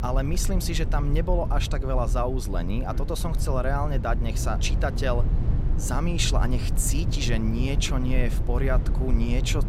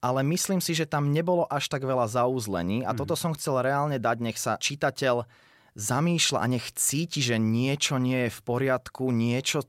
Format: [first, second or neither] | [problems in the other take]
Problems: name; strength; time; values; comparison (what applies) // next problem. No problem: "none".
second | low rumble; noticeable; throughout; 10 dB below the speech